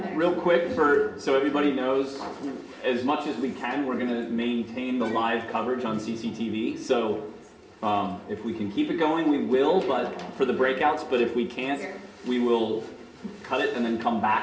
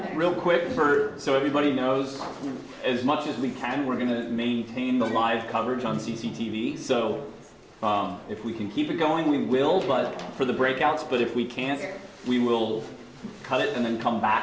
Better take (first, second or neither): second